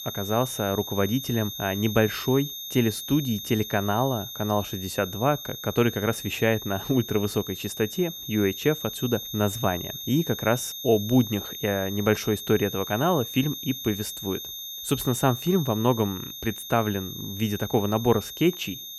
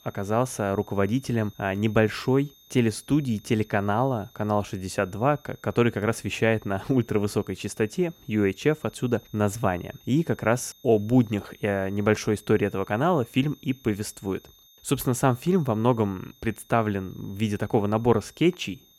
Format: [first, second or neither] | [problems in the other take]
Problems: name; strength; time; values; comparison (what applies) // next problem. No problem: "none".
second | high-pitched whine; loud; throughout; 3.5 kHz, 8 dB below the speech; faint in the second